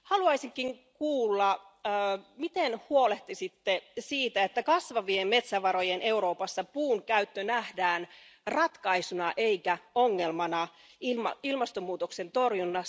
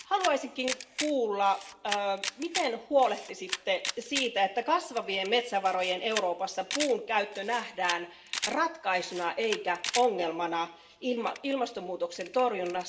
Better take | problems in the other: first | background sound (Camera); 10 dB below the speech // room echo; dies away in 0.7 s

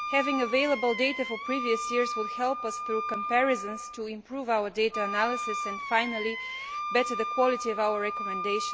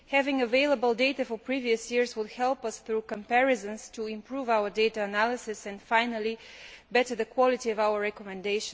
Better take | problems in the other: second | background sound (Wind instrument, woodwind instrument); 5 dB below the speech

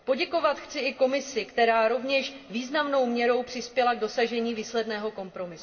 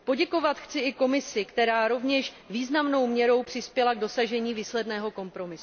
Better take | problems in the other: second | room echo; dies away in 1.1 s

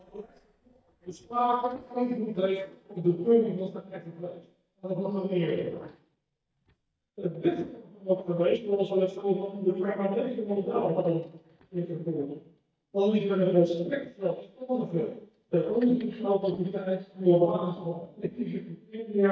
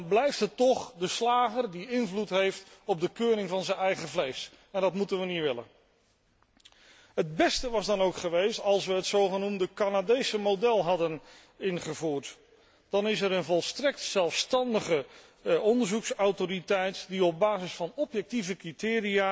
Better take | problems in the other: second | noise reduction (neural mask model DeepFilterNet 3)

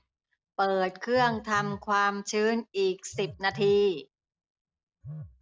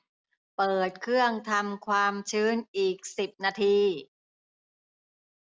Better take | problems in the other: second | background sound (Telephone); 17 dB below the speech

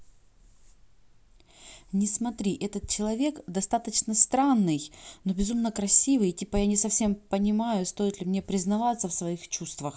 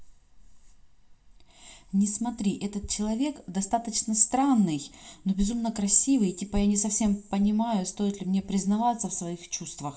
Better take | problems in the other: first | room echo; dies away in 0.4 s

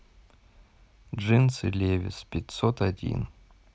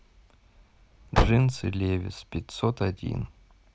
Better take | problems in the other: first | background sound (Car); as loud as the speech

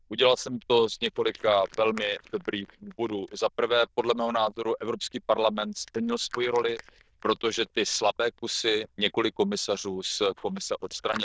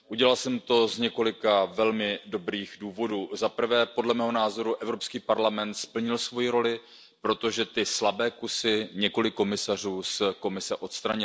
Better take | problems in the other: second | noise reduction (neural diffusion model UNIVERSE++)

